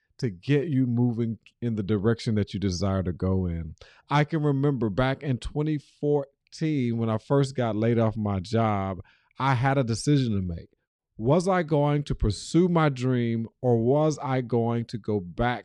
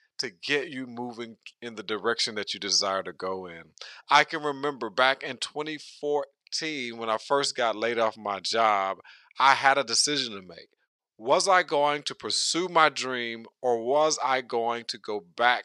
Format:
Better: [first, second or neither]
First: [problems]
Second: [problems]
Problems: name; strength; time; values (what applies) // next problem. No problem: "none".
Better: first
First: none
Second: thin; very; fading below 850 Hz